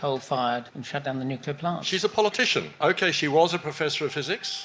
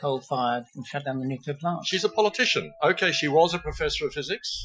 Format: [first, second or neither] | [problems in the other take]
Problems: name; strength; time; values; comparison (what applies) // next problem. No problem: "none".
first | noise reduction (classical method Wiener filter)